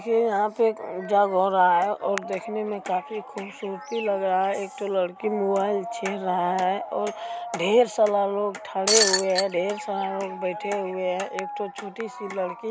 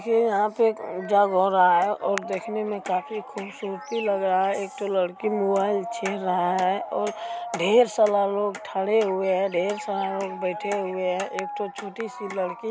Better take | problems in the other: second | background sound (Shatter); 2 dB above the speech

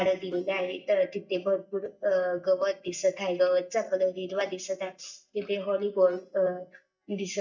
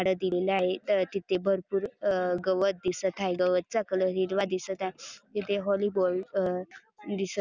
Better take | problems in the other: second | noise reduction (neural mask model DeepFilterNet 3)

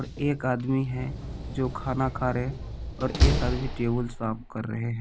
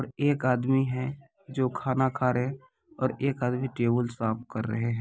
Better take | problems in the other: second | background sound (Slam); 1 dB below the speech

